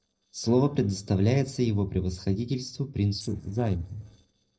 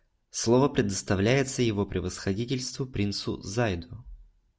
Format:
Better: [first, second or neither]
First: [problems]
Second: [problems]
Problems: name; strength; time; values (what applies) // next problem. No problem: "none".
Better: second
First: noise reduction (neural separator model SepFormer DNS4)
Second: none